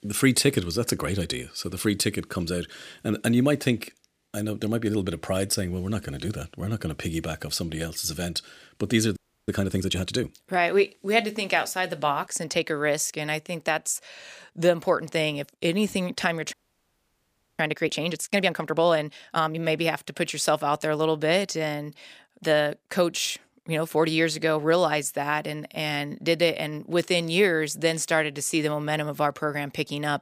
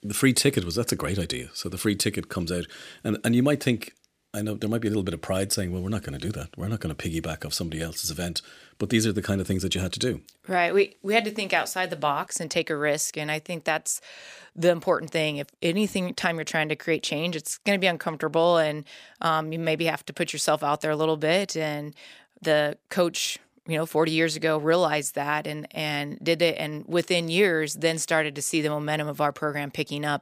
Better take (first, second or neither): second